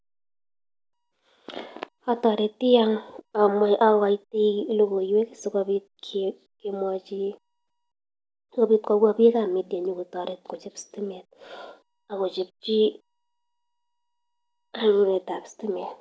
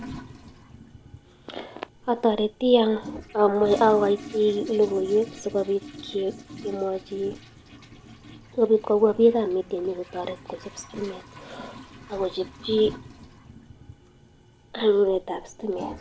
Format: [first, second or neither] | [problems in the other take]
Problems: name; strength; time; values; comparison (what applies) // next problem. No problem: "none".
first | background sound (Toilet flush); 16 dB below the speech